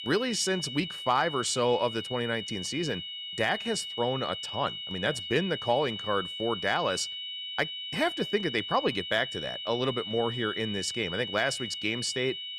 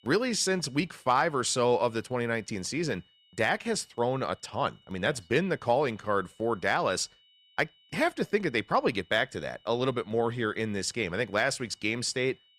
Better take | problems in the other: second | high-pitched whine; loud; throughout; 3 kHz, 5 dB below the speech; faint in the second

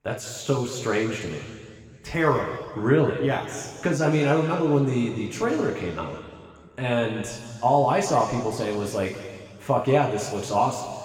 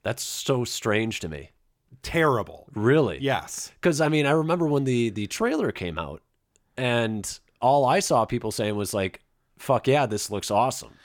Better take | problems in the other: second | room echo; noticeable; dies away in 2.2 s // off-mic speech; far

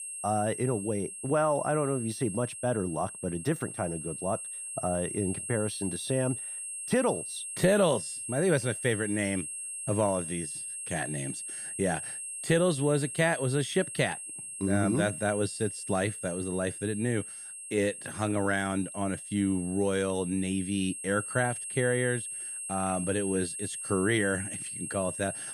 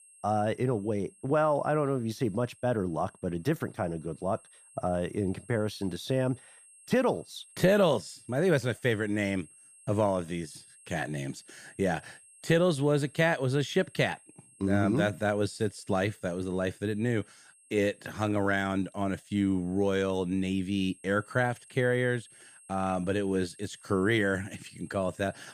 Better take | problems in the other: second | high-pitched whine; loud; throughout; 8.5 kHz, 6 dB below the speech; faint in the second

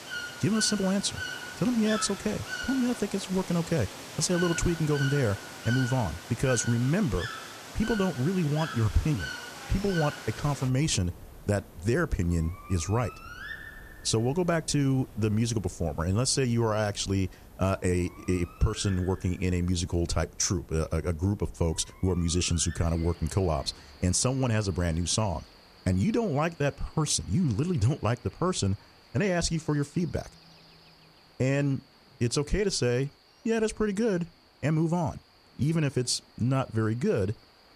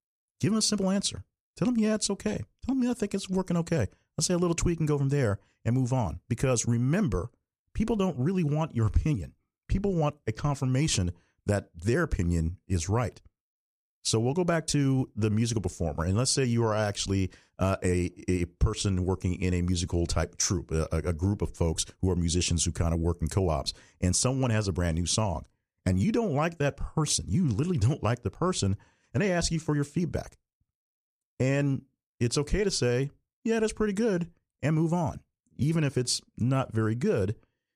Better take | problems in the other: second | animal sounds; noticeable; throughout; 10 dB below the speech

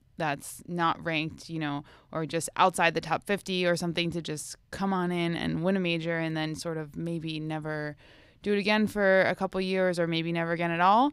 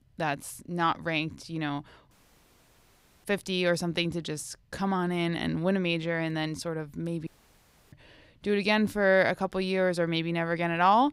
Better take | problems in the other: first | audio cutting out; at 2 s for 1 s and at 7.5 s for 0.5 s

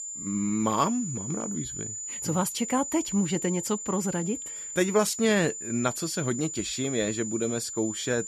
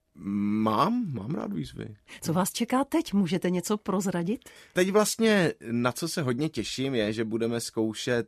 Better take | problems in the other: second | high-pitched whine; loud; throughout; 7 kHz, 6 dB below the speech

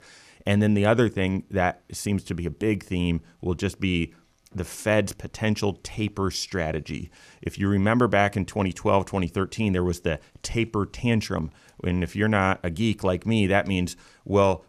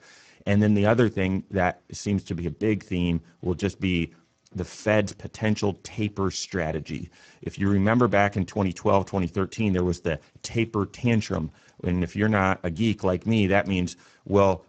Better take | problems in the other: first | garbled, watery; badly; nothing above 7.5 kHz

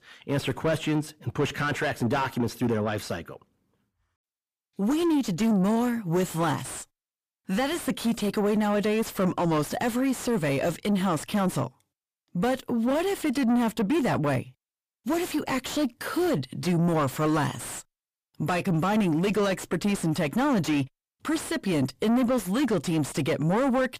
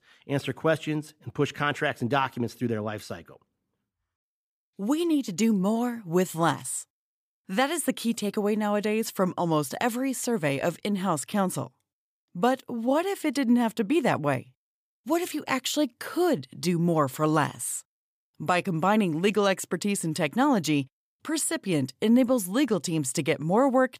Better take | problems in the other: second | distortion; heavy; 6 dB below the speech

